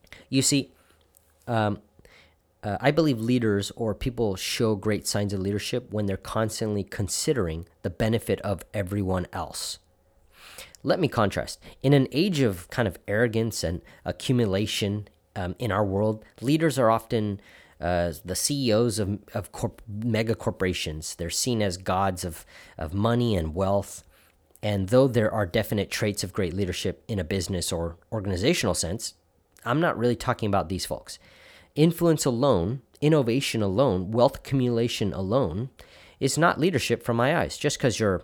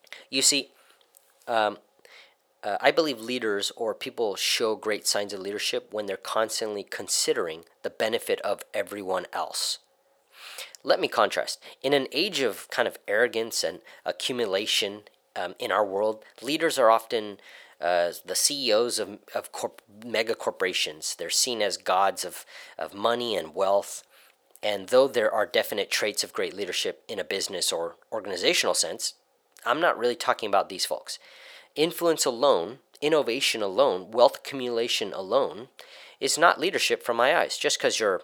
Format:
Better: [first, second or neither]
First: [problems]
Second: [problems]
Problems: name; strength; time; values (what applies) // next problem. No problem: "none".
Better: first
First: none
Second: thin; very; fading below 550 Hz